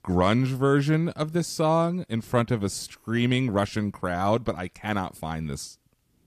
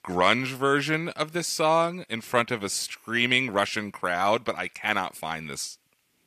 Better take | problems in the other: first | thin; somewhat; fading below 750 Hz

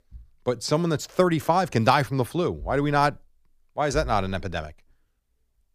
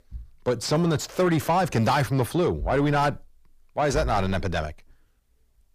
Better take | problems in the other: first | distortion; heavy; 7 dB below the speech

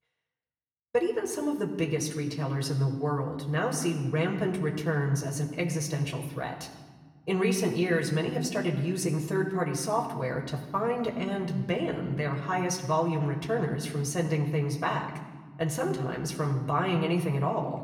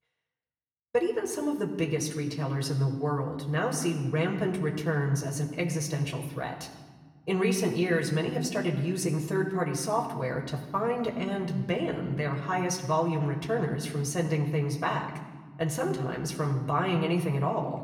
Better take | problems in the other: neither | room echo; slight; dies away in 1.1 s; the same in both // off-mic speech; somewhat distant; the same in both

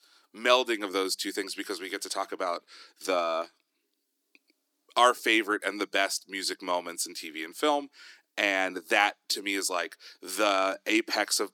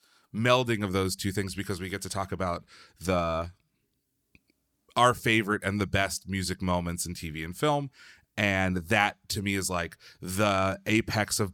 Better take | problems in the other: second | thin; somewhat; fading below 300 Hz

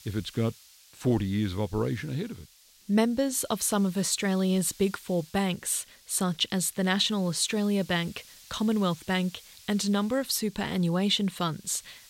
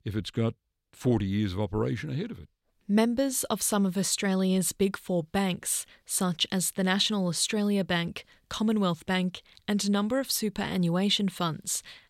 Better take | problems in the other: second | hiss; faint; throughout; 25 dB below the speech

